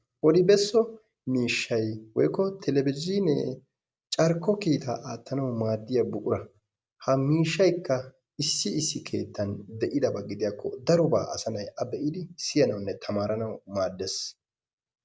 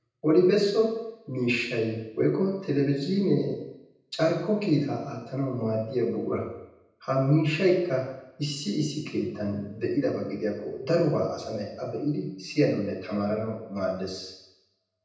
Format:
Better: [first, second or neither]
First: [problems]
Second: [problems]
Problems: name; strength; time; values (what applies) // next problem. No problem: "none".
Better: first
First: none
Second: room echo; dies away in 0.9 s